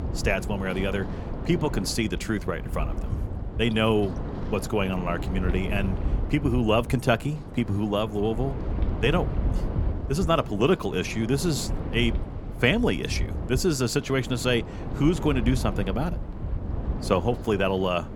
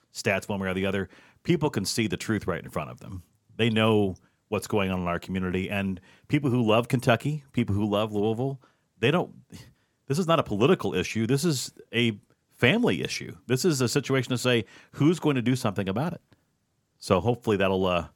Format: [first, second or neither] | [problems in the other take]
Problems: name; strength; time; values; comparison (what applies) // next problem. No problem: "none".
second | wind noise on the microphone; occasional gusts; 15 dB below the speech